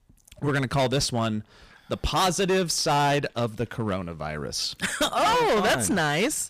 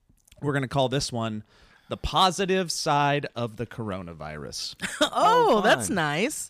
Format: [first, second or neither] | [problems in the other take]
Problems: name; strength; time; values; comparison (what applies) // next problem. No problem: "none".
second | distortion; heavy; 14% of the sound clipped